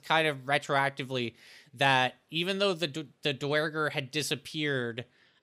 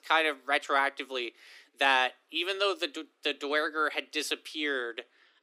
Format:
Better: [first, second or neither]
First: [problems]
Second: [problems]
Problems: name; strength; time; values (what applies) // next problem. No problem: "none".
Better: first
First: none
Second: thin; somewhat; fading below 300 Hz